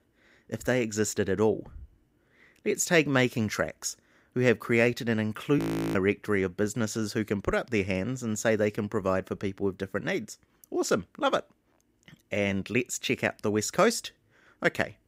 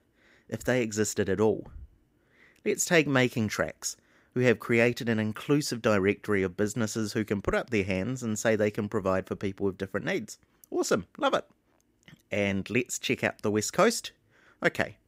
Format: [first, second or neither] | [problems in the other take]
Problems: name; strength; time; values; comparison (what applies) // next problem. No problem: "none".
second | audio freezing; at 5.5 s